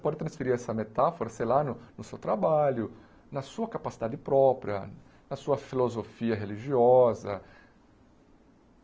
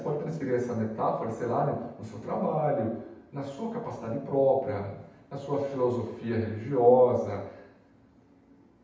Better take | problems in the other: first | room echo; dies away in 0.9 s

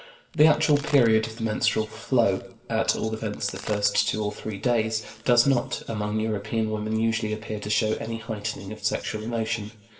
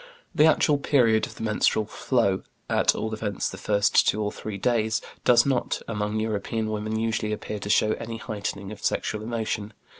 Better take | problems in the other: second | background sound (Crack); 20 dB below the speech // room echo; dies away in 0.8 s

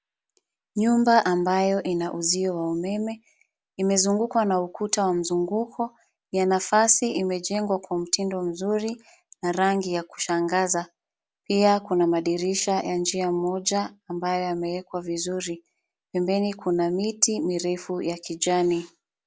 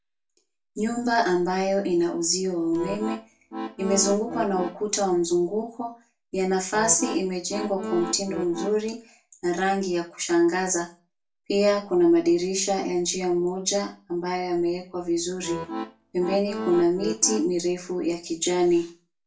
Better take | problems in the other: first | background sound (Accordion); 8 dB below the speech // room echo; dies away in 0.3 s

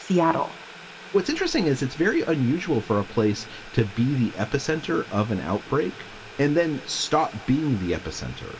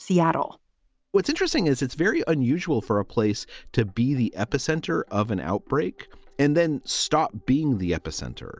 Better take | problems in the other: second | background sound (Boiling); 18 dB below the speech // room echo; dies away in 2.7 s

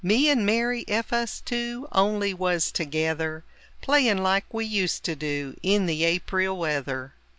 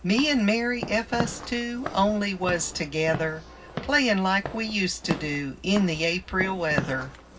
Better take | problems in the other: first | background sound (Walk, footsteps / Siren); 11 dB below the speech // room echo; dies away in 0.4 s

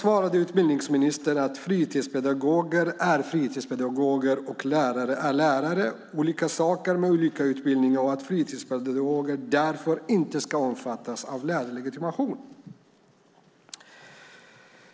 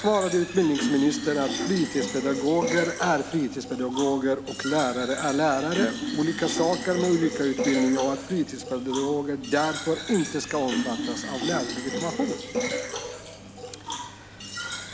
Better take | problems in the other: first | background sound (Fill (with liquid)); 6 dB below the speech

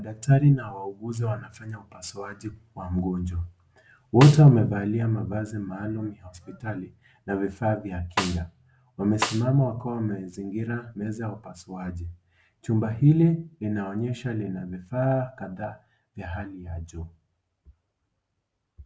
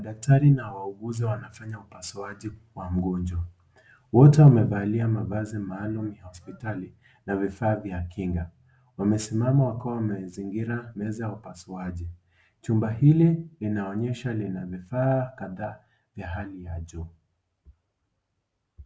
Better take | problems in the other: second | background sound (Snare drum); 6 dB below the speech

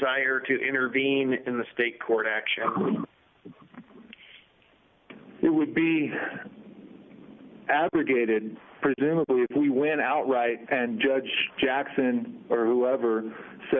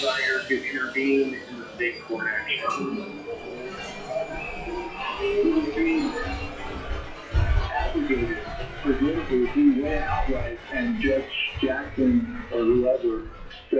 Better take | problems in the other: first | noise reduction (classical method WPE with log-MMSE)

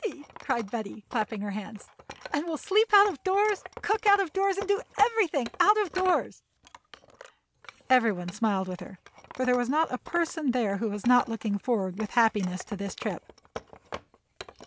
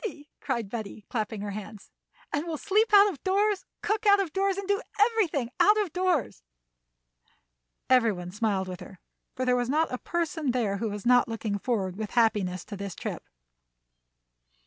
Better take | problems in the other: second | background sound (Wood); 18 dB below the speech

